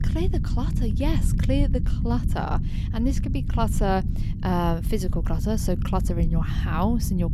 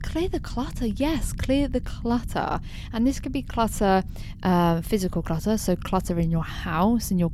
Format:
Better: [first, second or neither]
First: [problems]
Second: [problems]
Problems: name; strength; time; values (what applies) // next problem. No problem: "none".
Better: second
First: low rumble; loud; throughout; 9 dB below the speech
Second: low rumble; faint; throughout; 25 dB below the speech